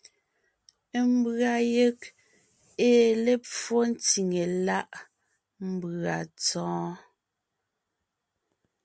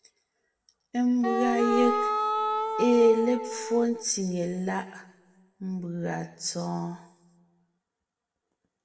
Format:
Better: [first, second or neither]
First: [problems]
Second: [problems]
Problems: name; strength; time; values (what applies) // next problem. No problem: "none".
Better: first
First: none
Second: background sound (Wind instrument, woodwind instrument); 1 dB below the speech // room echo; dies away in 1 s